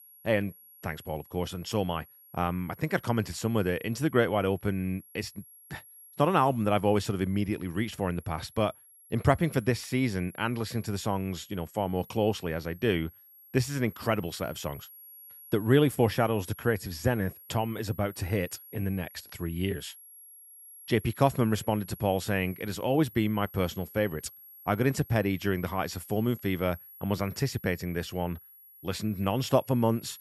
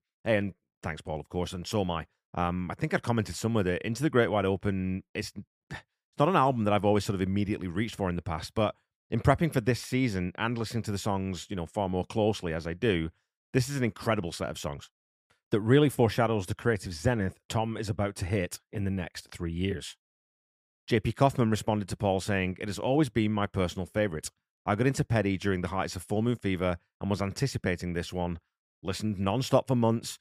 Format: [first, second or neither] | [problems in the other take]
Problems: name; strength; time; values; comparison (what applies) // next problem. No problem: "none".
second | high-pitched whine; noticeable; throughout; 11.5 kHz, 20 dB below the speech